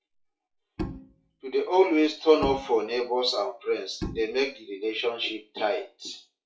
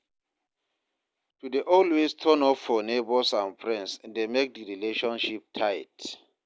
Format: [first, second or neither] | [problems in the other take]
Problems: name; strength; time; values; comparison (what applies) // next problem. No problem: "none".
second | noise reduction (classical method WPE with log-MMSE)